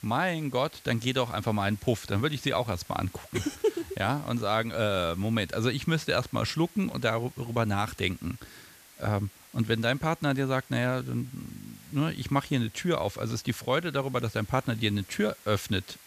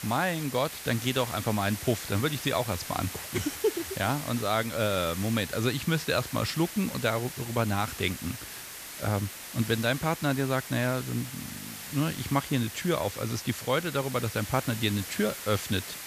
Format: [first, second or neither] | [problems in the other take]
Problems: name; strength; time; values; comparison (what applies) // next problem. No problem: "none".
first | hiss; loud; throughout; 9 dB below the speech; faint in the first